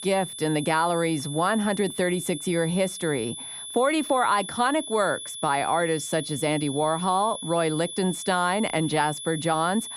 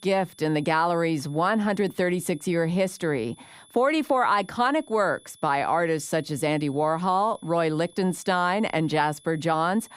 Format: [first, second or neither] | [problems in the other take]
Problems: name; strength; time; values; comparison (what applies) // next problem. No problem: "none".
second | high-pitched whine; loud; throughout; 3.5 kHz, 9 dB below the speech; faint in the second